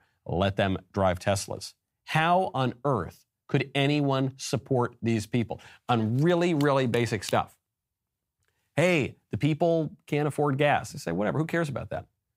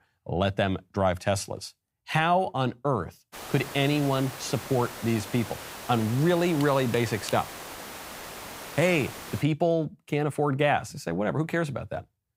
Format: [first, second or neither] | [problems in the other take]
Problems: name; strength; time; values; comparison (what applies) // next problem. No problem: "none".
first | hiss; noticeable; from 3.5 to 9.5 s; 10 dB below the speech